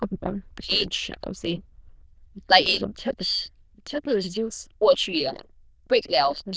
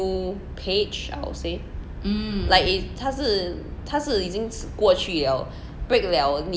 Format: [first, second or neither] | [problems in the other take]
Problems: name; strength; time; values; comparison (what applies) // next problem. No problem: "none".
second | noise reduction (neural diffusion model UNIVERSE++)